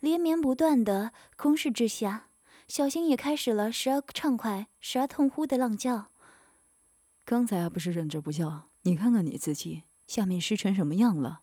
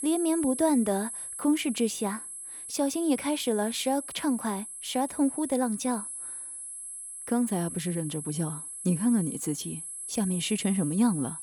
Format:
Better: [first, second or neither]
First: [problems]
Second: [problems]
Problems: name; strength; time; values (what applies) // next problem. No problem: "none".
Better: first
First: high-pitched whine; faint; throughout; 11 kHz, 35 dB below the speech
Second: high-pitched whine; loud; throughout; 11 kHz, 7 dB below the speech